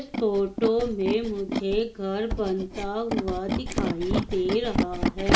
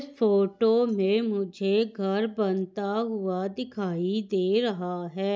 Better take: second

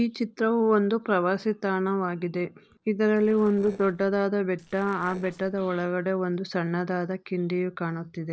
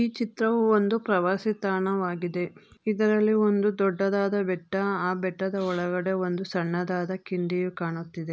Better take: second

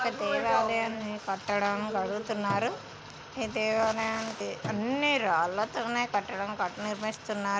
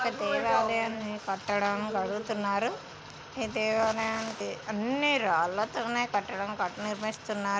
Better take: second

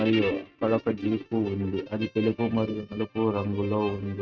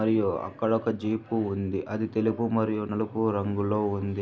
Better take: second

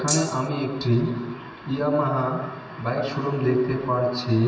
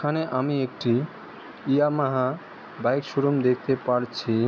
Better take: second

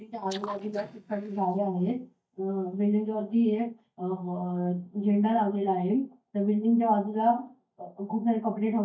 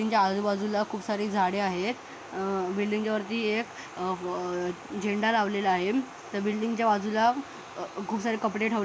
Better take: second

